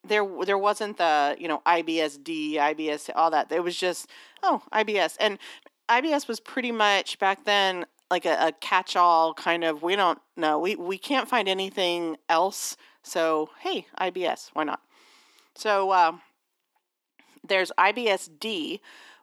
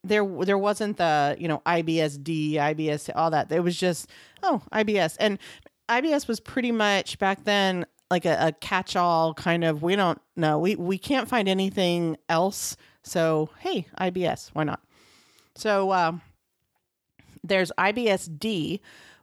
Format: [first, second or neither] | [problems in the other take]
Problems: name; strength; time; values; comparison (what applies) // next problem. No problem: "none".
second | thin; somewhat; fading below 250 Hz